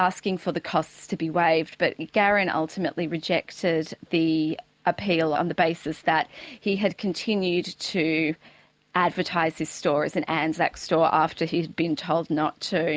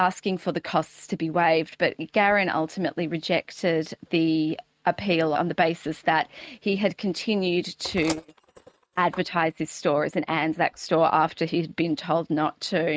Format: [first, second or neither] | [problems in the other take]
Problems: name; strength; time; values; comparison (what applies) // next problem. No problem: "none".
first | noise reduction (neural mask model RNNoise)